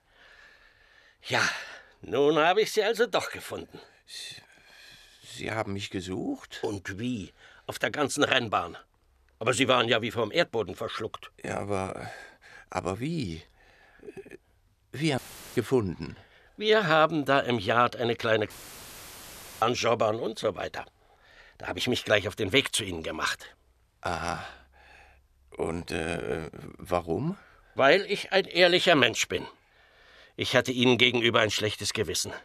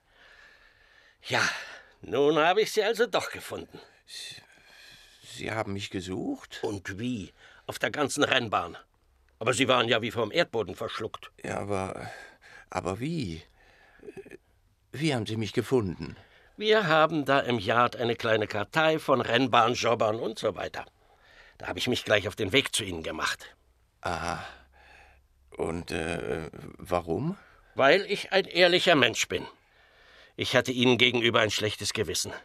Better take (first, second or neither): second